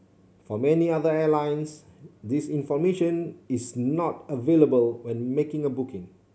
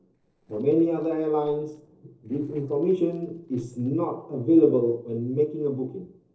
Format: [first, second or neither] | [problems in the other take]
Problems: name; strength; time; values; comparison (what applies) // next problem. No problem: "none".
first | noise reduction (neural separator model SepFormer DNS4)